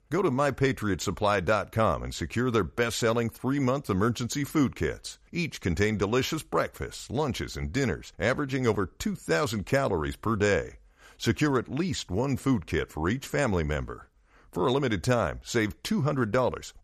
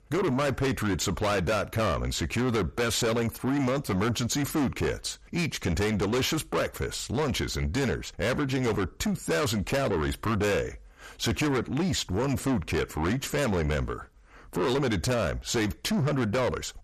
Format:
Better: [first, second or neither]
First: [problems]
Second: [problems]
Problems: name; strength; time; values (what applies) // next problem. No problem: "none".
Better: first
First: none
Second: distortion; heavy; 6 dB below the speech